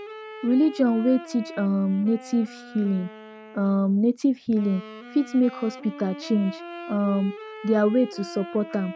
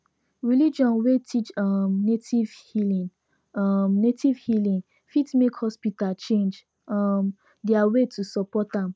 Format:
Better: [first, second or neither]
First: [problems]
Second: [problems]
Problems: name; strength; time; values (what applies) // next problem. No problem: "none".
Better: second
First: background sound (Wind instrument, woodwind instrument); 15 dB below the speech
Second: none